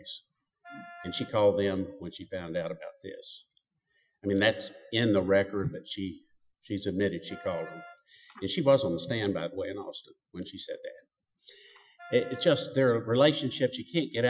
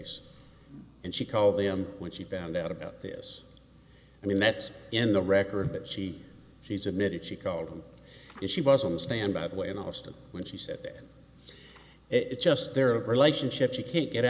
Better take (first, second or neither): second